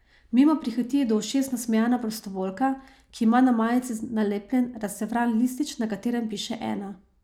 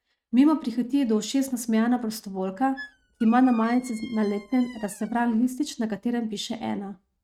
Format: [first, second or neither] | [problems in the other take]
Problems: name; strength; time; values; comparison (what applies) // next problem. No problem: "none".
first | noise reduction (neural mask model RNNoise)